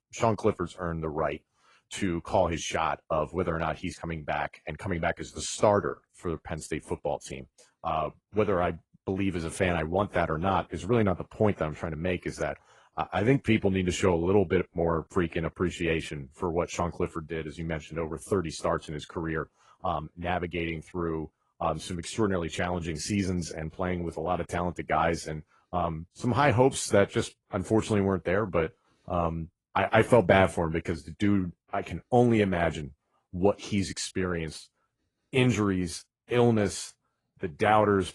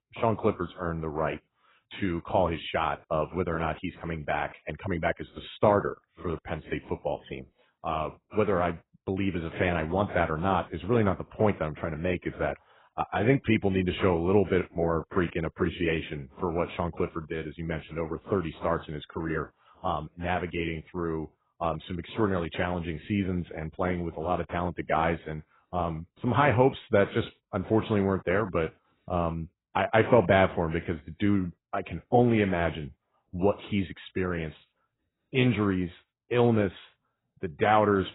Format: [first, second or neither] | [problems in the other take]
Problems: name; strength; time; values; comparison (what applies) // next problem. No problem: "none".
first | garbled, watery; badly; nothing above 4 kHz; slightly in the first